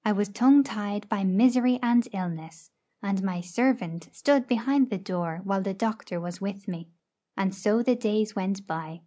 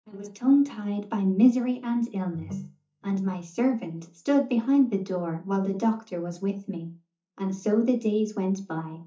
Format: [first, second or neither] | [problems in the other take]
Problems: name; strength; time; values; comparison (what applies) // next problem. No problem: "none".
first | noise reduction (neural mask model DeepFilterNet 3)